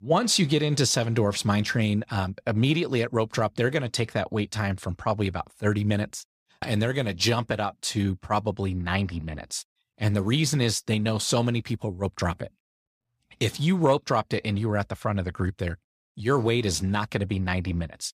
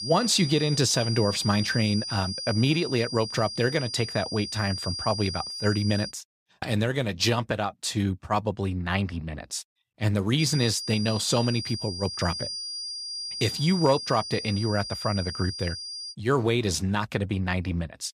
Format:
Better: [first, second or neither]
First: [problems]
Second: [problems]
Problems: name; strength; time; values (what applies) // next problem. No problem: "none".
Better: first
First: none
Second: high-pitched whine; loud; until 6 s and from 10 to 16 s; 5 kHz, 6 dB below the speech